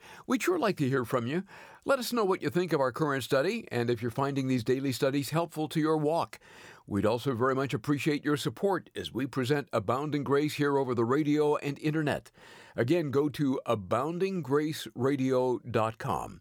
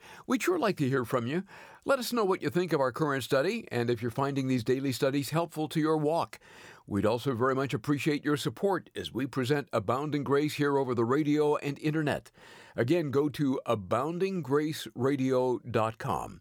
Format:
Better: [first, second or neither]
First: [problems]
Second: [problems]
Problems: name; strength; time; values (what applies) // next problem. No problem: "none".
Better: neither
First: none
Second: none